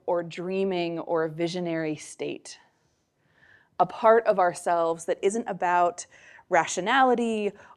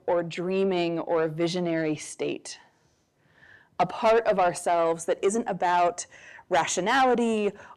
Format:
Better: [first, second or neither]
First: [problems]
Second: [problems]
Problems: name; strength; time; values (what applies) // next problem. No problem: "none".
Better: first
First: none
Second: distortion; slight; 10 dB below the speech